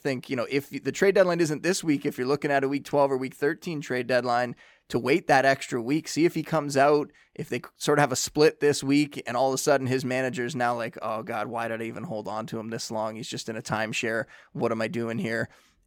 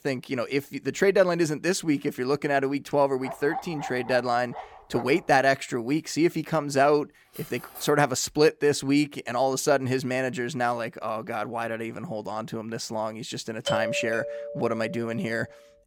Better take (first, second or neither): first